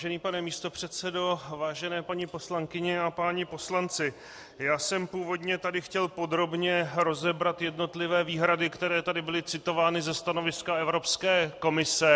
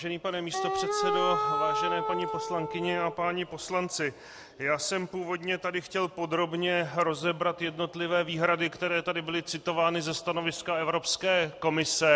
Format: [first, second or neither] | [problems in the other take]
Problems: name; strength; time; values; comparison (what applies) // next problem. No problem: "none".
first | background sound (Wind instrument, woodwind instrument); 1 dB below the speech